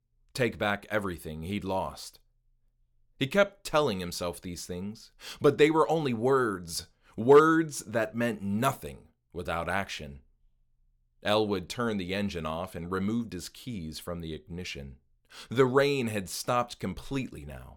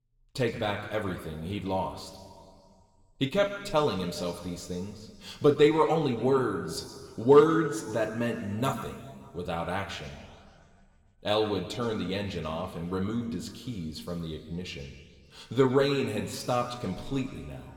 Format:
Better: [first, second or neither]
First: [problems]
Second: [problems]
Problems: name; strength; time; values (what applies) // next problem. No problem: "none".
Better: first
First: none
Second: room echo; slight; dies away in 2.1 s // off-mic speech; somewhat distant